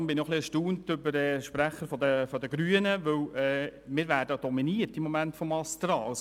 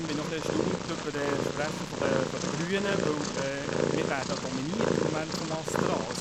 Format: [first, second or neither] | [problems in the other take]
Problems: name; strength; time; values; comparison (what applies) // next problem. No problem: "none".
first | noise reduction (neural mask model Resemble Enhance denoiser)